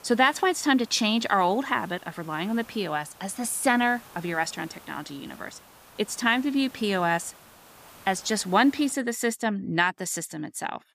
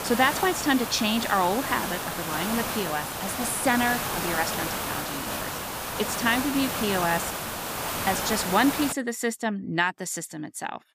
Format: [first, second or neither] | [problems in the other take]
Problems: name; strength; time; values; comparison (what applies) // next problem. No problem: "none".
first | hiss; loud; until 9 s; 3 dB below the speech; faint in the first